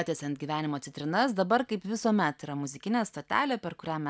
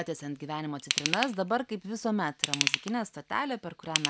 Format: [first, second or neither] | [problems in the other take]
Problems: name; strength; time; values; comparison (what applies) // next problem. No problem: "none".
first | background sound (Ratchet, pawl / Tools); 2 dB below the speech